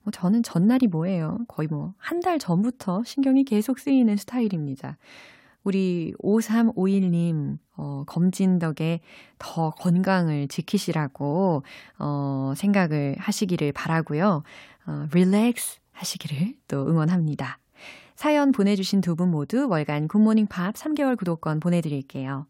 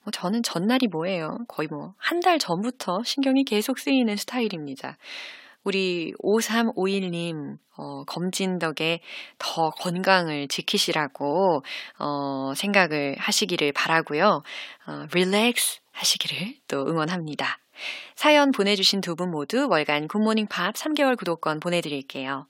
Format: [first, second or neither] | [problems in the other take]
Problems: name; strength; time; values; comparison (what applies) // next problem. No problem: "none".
first | thin; somewhat; fading below 350 Hz